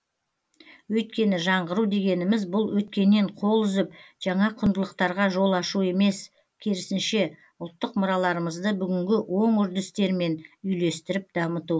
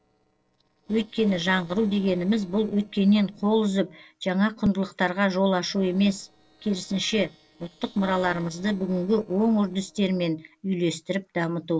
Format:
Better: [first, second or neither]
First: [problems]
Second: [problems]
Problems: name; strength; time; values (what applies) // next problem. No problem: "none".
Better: first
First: none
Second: noise reduction (neural separator model SepFormer DNS4)